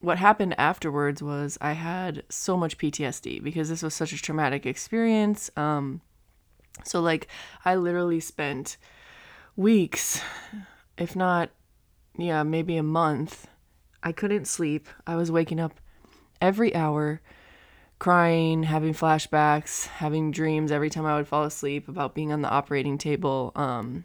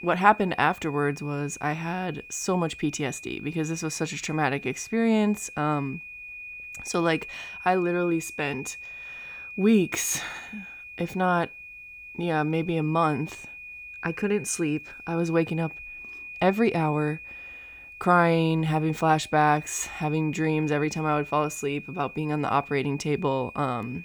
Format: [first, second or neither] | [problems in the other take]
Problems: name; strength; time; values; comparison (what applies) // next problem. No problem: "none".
first | high-pitched whine; noticeable; throughout; 2.5 kHz, 15 dB below the speech